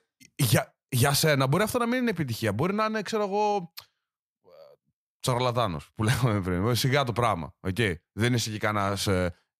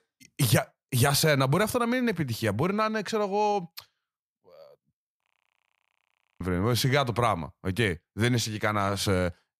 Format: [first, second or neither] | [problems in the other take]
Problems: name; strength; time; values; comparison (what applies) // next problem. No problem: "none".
first | audio freezing; at 5 s for 1 s